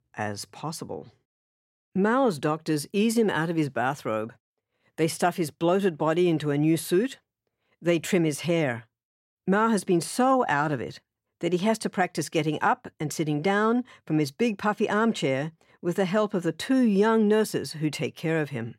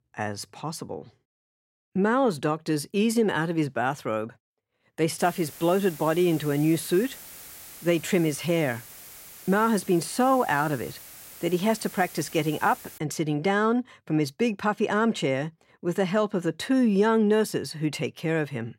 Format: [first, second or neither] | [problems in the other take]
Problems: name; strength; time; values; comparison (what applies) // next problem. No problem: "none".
first | hiss; noticeable; from 5 to 13 s; 15 dB below the speech